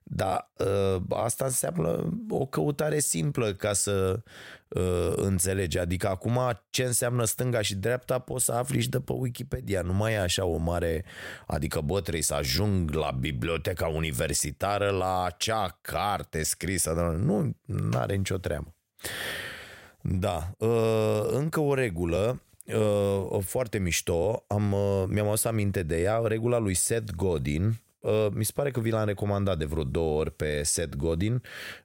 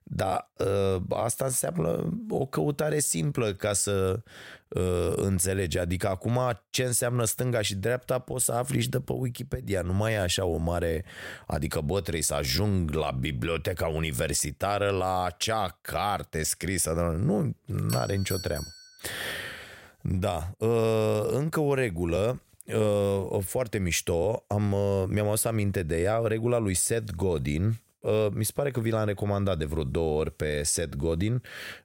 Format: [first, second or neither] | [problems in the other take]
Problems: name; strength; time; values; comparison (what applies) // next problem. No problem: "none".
first | doorbell; noticeable; at 18 s; peak 9 dB below the speech